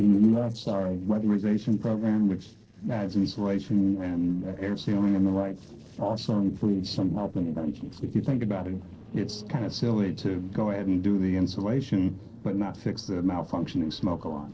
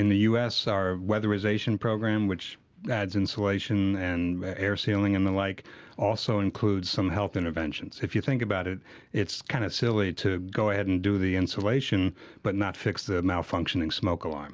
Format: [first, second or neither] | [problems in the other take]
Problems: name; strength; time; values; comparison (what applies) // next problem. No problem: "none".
second | noise reduction (neural separator model SepFormer DNS4)